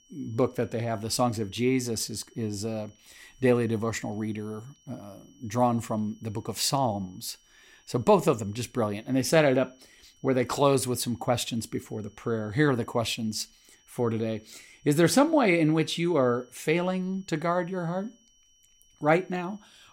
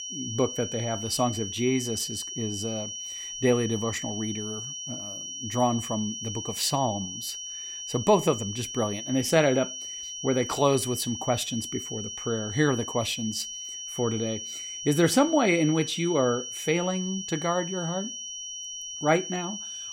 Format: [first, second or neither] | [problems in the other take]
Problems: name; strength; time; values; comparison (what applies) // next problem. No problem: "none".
first | high-pitched whine; loud; throughout; 3 kHz, 7 dB below the speech; faint in the first